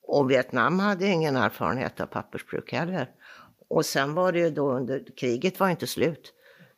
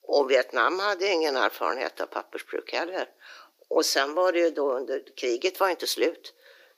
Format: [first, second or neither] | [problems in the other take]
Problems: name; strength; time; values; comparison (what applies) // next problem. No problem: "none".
first | thin; very; fading below 300 Hz